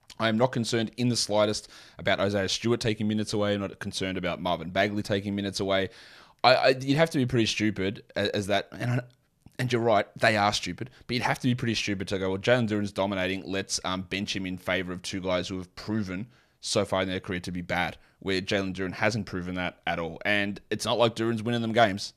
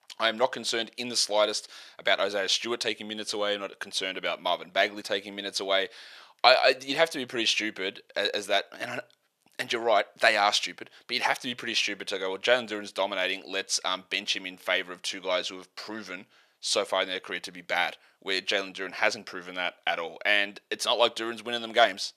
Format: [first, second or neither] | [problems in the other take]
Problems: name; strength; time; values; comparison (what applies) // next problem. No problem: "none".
first | thin; somewhat; fading below 500 Hz